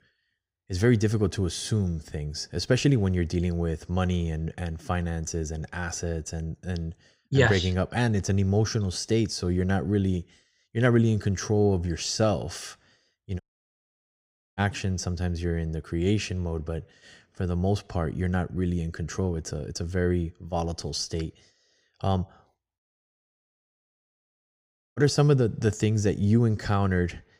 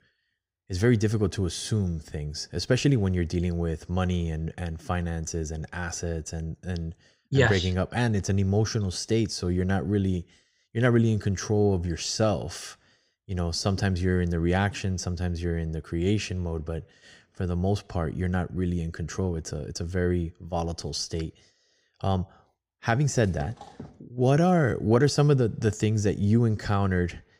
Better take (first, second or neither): second